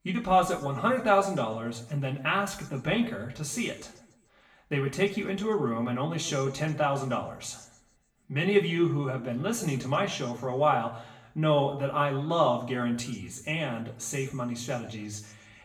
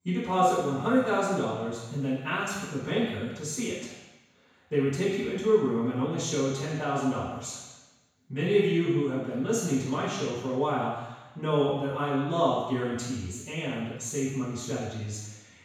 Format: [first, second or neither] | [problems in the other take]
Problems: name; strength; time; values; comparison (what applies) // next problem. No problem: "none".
first | room echo; strong; dies away in 1.1 s; slight in the first // off-mic speech; far; far in the first